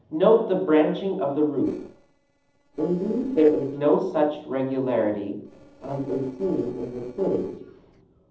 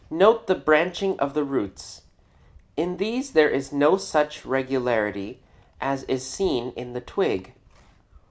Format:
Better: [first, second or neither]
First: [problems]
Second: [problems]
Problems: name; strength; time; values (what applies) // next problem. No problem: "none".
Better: second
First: noise reduction (neural separator model SepFormer DNS4)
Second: none